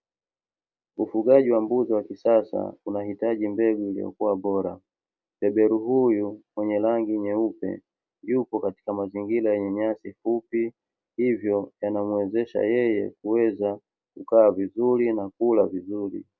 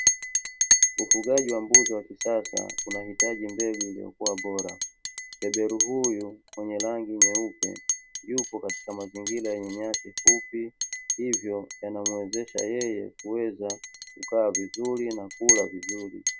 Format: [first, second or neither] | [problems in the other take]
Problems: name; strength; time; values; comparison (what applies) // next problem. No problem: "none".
first | background sound (Chink, clink); 3 dB above the speech